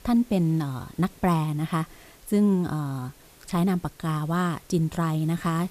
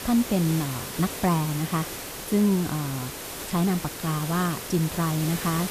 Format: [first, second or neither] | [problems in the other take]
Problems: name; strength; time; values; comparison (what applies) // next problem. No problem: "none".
first | hiss; loud; throughout; 7 dB below the speech; faint in the first